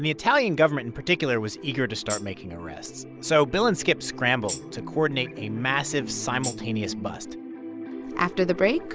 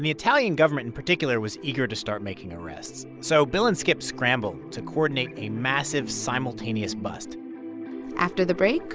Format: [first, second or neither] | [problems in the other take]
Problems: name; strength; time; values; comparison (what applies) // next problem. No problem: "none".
second | background sound (Tambourine); 13 dB below the speech